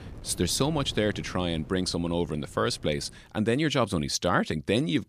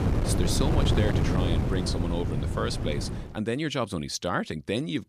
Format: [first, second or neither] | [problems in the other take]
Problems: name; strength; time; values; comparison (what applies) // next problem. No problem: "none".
first | wind noise on the microphone; heavy; until 3.5 s; 3 dB below the speech; occasional gusts in the first